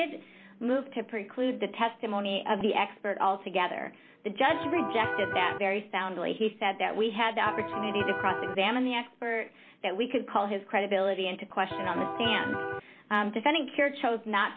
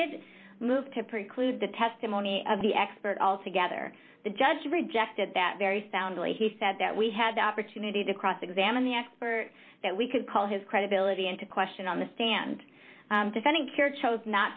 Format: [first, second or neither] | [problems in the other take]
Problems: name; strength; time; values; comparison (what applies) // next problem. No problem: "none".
second | background sound (Electric guitar); 4 dB below the speech